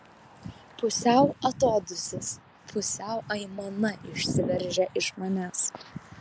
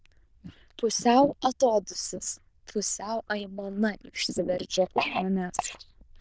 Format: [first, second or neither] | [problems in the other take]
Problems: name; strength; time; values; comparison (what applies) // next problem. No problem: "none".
first | noise reduction (neural diffusion model UNIVERSE++)